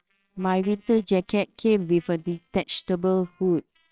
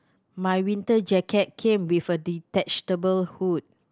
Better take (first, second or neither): second